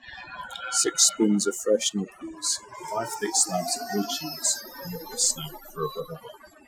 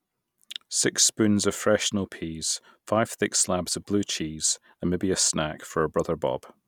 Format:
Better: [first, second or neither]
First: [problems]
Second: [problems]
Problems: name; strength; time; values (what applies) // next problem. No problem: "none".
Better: second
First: noise reduction (classical method Wiener filter)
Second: none